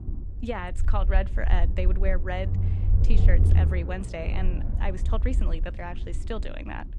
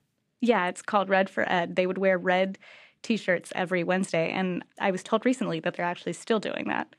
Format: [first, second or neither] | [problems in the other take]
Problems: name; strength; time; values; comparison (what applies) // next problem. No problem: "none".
second | low rumble; loud; throughout; 8 dB below the speech